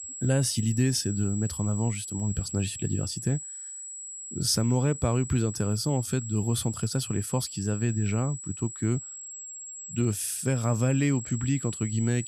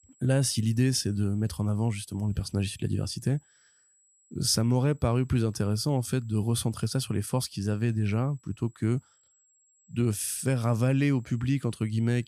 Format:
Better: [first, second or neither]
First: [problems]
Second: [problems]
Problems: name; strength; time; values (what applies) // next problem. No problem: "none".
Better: second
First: high-pitched whine; loud; throughout; 7.5 kHz, 9 dB below the speech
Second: high-pitched whine; faint; throughout; 7.5 kHz, 35 dB below the speech